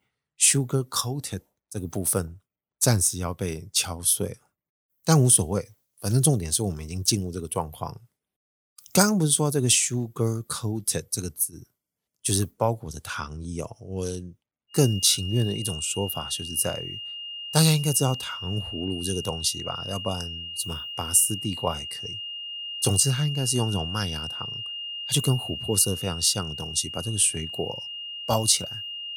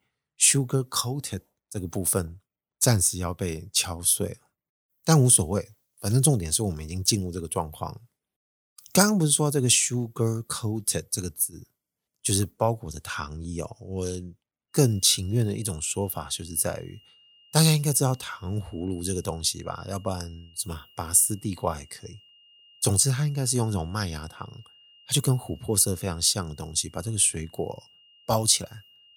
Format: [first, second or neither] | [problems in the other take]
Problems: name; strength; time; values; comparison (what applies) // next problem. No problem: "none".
second | high-pitched whine; loud; from 15 s on; 3 kHz, 8 dB below the speech; faint in the second